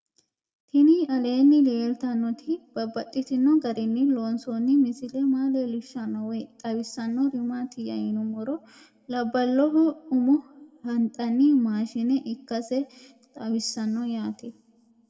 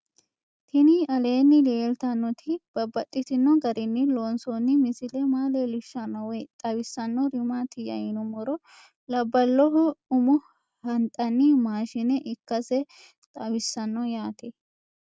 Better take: second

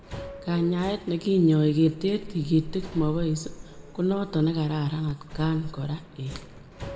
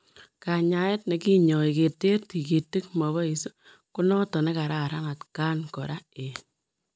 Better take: second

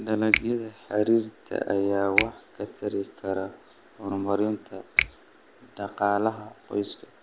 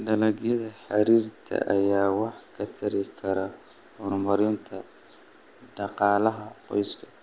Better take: second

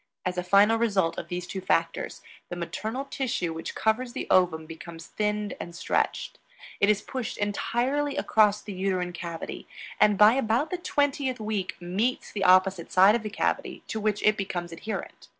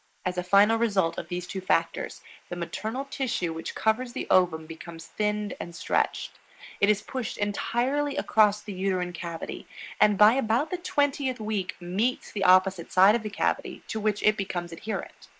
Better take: first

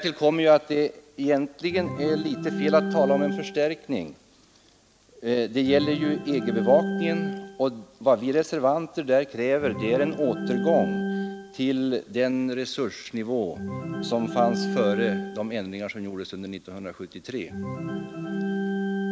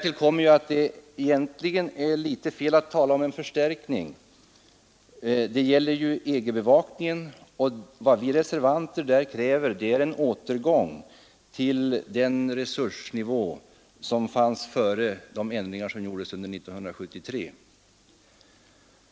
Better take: second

